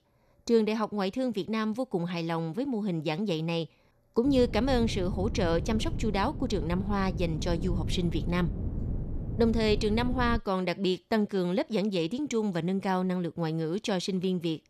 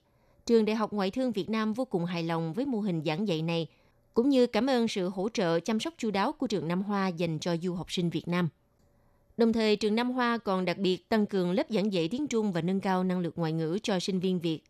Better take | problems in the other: second | wind noise on the microphone; occasional gusts; from 4.5 to 10 s; 15 dB below the speech

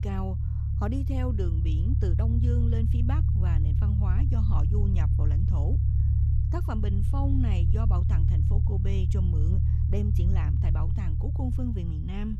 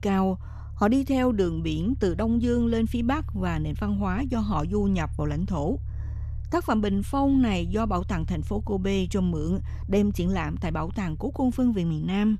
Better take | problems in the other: second | low rumble; loud; throughout; 1 dB below the speech; faint in the second

